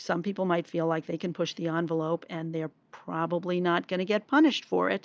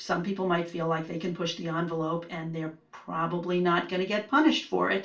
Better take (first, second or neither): first